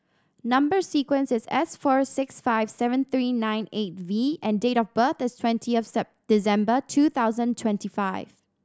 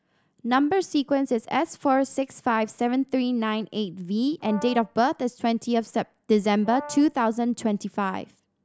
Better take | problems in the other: first | background sound (Brass instrument); 16 dB below the speech

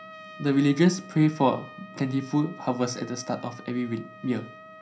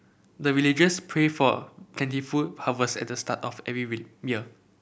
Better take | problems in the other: second | background sound (Trumpet); 19 dB below the speech // room echo; dies away in 0.3 s

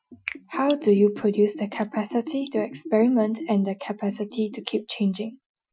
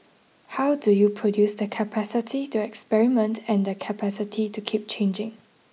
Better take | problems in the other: second | noise reduction (classical method Wiener filter)

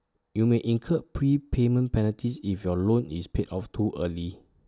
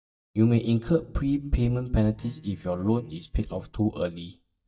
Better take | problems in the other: first | noise reduction (neural mask model DeepFilterNet 3)

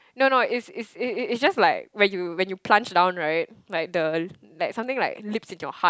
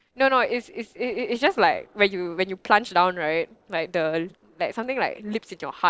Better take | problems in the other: first | noise reduction (neural separator model SepFormer DNS4)

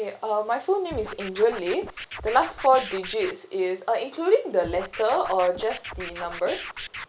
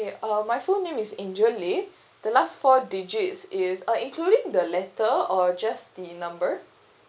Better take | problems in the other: second | background sound (Scratching (performance technique)); 12 dB below the speech

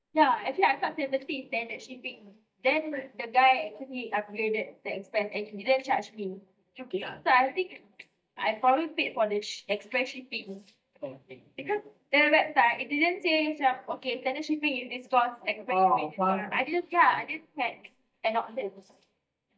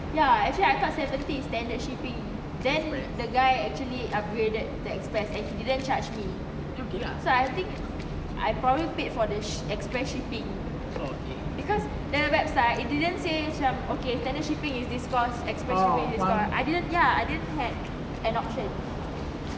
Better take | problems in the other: second | noise reduction (neural mask model DeepFilterNet 3)

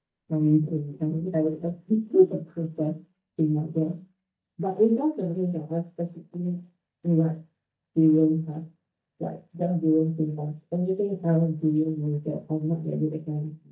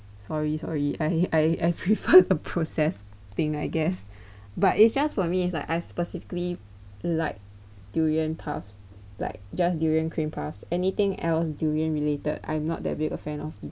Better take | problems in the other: second | noise reduction (neural mask model DeepFilterNet 3)

